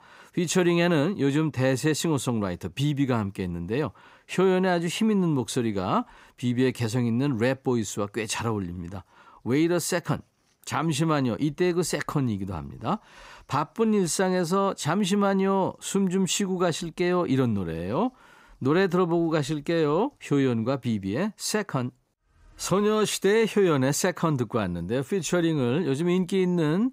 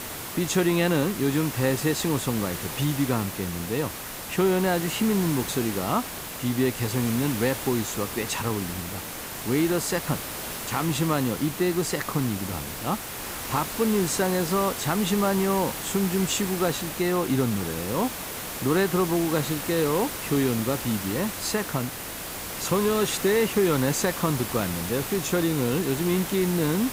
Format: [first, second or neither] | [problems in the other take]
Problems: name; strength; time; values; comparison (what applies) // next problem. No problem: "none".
first | hiss; loud; throughout; 6 dB below the speech